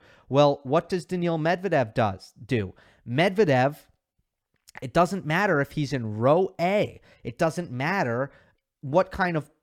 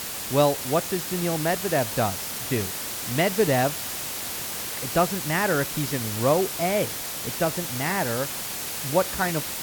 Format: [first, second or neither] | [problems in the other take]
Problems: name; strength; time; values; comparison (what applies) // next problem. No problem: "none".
first | hiss; loud; throughout; 3 dB below the speech